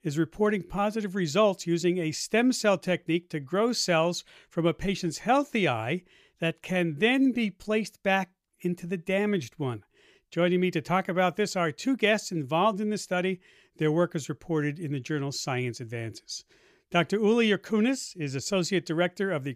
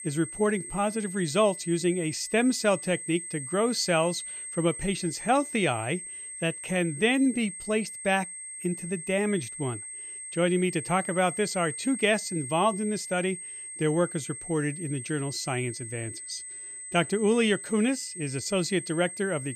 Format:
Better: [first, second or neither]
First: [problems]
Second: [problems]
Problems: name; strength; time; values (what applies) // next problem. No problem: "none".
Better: first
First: none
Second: high-pitched whine; loud; throughout; 8.5 kHz, 9 dB below the speech